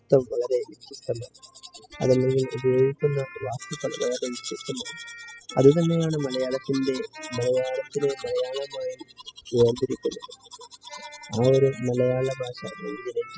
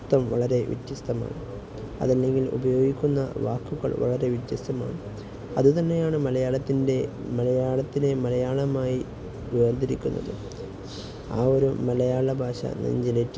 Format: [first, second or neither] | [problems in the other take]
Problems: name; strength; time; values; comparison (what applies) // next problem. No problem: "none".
second | noise reduction (classical method spectral subtraction)